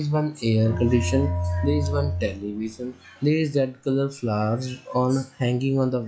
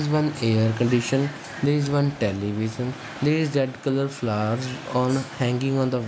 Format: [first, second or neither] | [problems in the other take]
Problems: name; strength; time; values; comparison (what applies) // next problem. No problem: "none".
second | noise reduction (classical method log-MMSE)